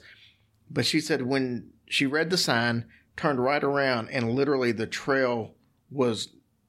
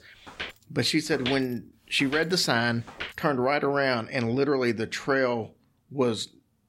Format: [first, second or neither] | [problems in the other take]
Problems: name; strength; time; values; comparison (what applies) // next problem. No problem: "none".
first | footsteps; noticeable; until 3 s; peak 7 dB below the speech